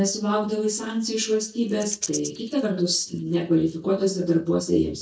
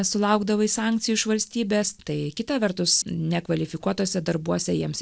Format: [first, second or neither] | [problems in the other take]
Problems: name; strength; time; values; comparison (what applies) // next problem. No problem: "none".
second | noise reduction (neural mask model DeepFilterNet 3)